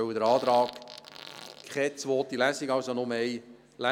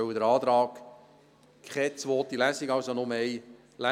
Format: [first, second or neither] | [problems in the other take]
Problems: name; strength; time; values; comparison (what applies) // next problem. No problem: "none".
second | background sound (Fart); 17 dB below the speech